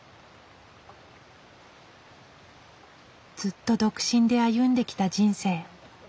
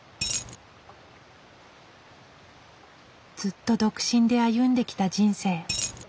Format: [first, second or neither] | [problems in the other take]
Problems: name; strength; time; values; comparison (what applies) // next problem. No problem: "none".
first | background sound (Coin (dropping)); 2 dB below the speech